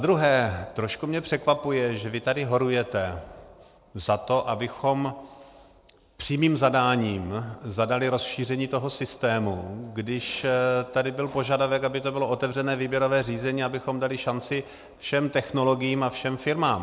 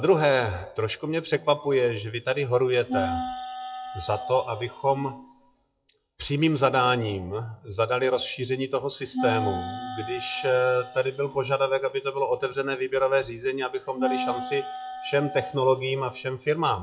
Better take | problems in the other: first | noise reduction (classical method WPE with log-MMSE)

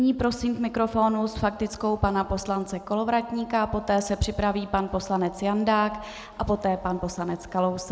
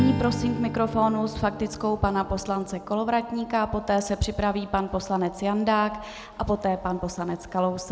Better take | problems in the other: first | background sound (Strum); 11 dB below the speech

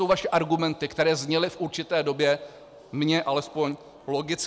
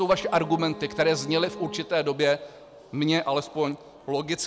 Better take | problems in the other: first | background sound (Bowed string instrument); 15 dB below the speech

